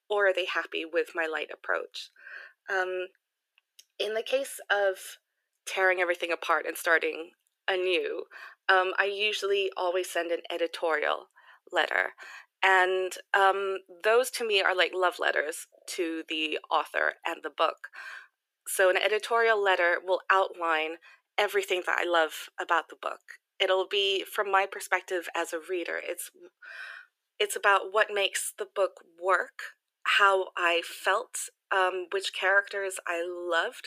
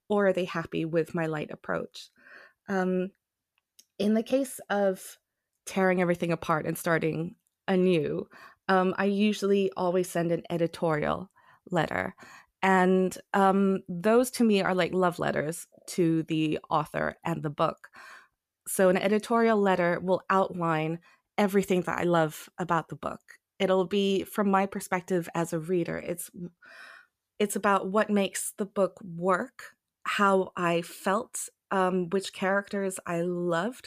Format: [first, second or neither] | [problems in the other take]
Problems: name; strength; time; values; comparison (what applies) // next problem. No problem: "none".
second | thin; very; fading below 350 Hz